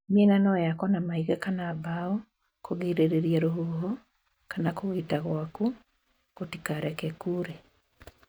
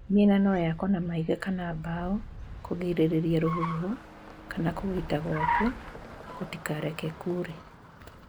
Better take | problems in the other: first | background sound (Car); 9 dB below the speech

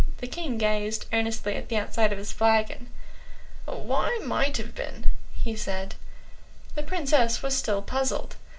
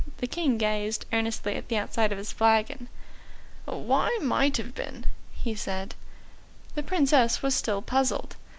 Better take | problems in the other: second | room echo; dies away in 0.2 s

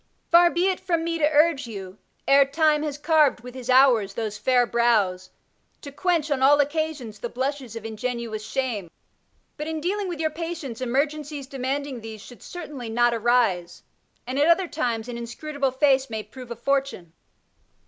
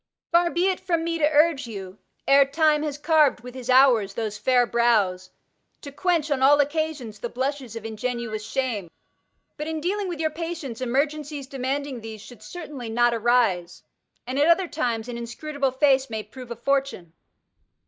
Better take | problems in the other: first | noise reduction (neural mask model DeepFilterNet 3)

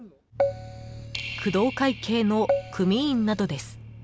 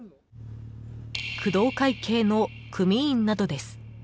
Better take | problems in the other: second | background sound (Keyboard (musical)); 5 dB below the speech

